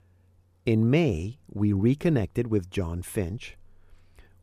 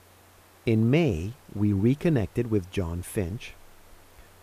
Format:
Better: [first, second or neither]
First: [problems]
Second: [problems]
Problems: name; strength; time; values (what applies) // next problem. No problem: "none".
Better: first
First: none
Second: hiss; faint; throughout; 30 dB below the speech